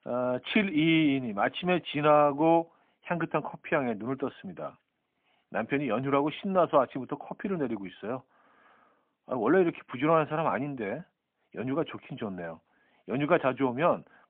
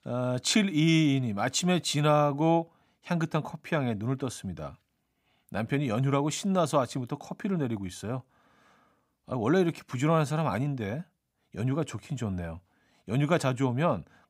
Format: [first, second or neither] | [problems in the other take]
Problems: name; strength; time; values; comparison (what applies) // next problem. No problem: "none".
second | phone-call audio; poor line; nothing above 3.5 kHz